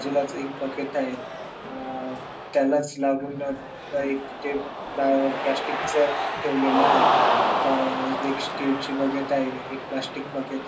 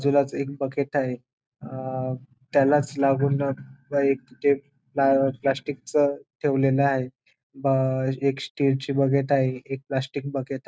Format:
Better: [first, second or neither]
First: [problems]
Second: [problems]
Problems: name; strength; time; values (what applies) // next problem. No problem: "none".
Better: second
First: background sound (Cheering); 1 dB below the speech // room echo; dies away in 0.3 s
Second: none